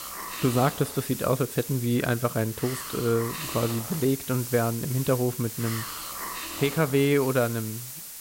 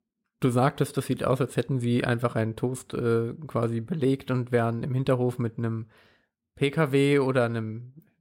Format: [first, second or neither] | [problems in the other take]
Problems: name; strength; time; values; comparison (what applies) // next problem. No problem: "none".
second | hiss; loud; throughout; 8 dB below the speech